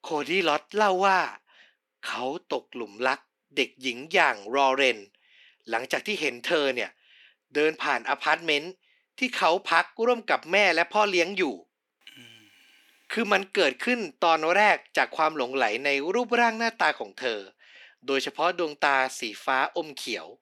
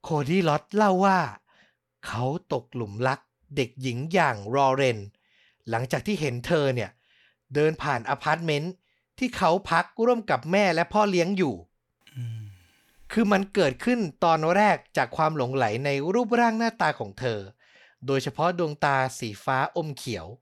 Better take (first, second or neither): second